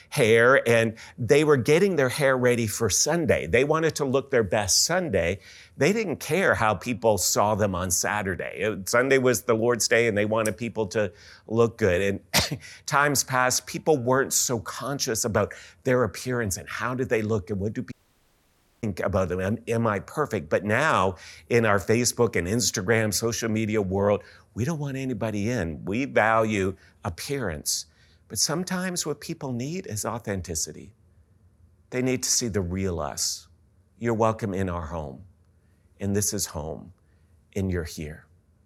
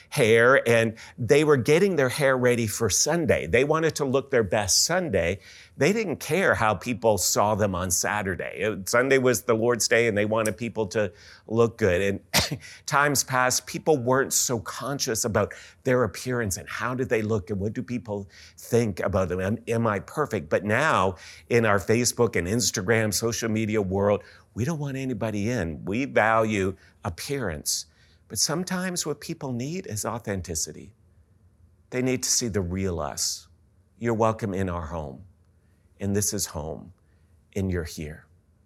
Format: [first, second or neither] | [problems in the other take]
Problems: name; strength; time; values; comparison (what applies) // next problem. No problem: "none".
second | audio cutting out; at 18 s for 1 s